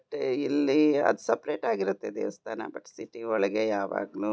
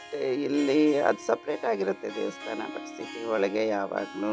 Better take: first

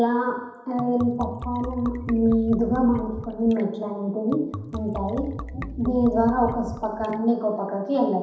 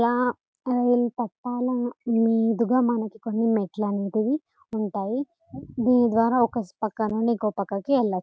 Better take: second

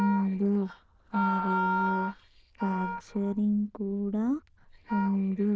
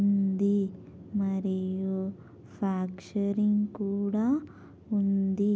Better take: second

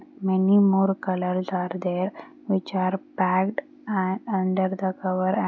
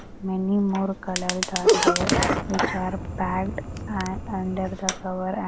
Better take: first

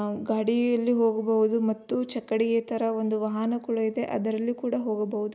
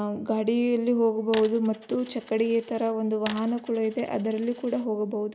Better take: first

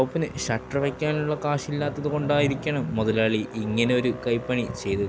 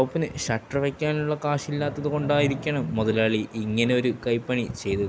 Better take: second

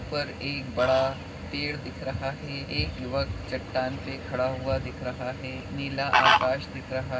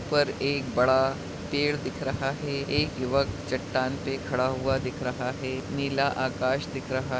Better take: second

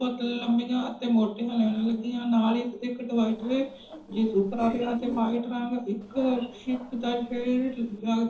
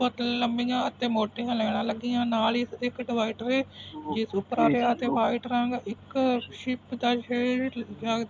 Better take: second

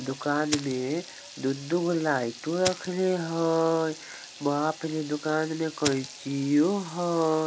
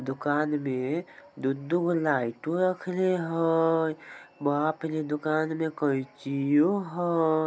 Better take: second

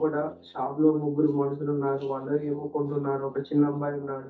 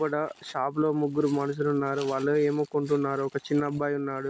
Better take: second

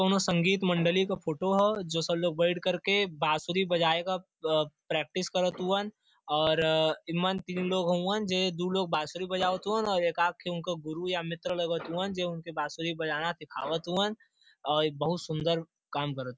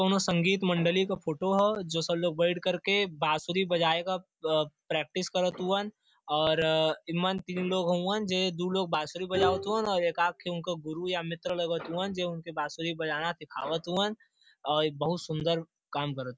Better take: first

